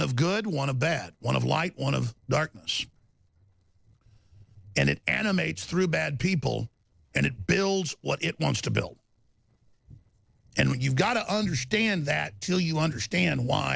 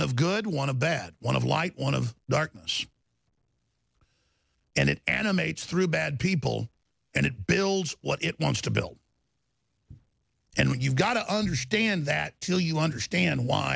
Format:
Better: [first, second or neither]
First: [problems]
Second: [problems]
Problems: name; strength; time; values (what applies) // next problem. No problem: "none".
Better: second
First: noise reduction (neural separator model SepFormer DNS4)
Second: none